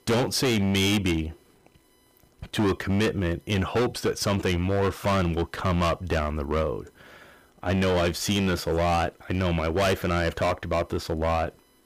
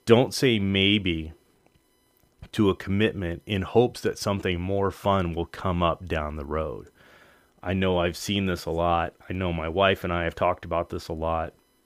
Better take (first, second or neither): second